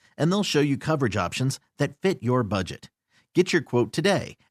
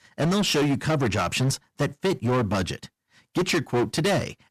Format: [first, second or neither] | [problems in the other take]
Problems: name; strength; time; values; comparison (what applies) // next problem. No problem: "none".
first | distortion; heavy; 17% of the sound clipped